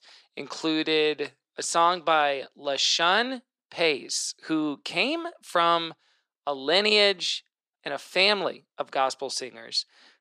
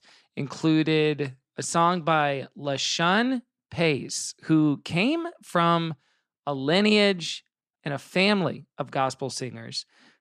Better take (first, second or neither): second